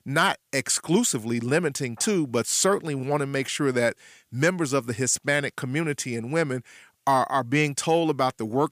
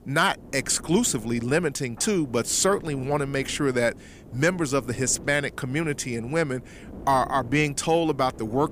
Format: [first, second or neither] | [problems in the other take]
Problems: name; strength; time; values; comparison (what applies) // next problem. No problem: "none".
first | wind noise on the microphone; occasional gusts; 20 dB below the speech